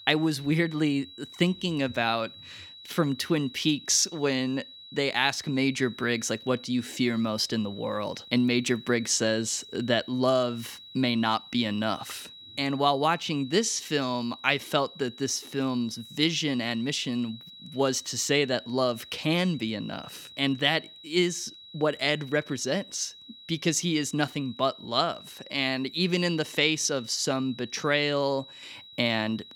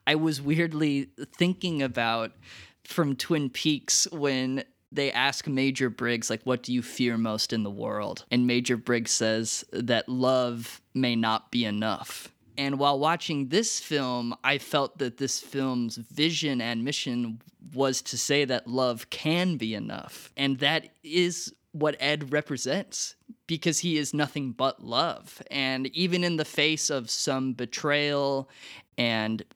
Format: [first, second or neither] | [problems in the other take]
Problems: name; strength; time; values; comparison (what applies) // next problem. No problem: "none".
second | high-pitched whine; noticeable; throughout; 4 kHz, 20 dB below the speech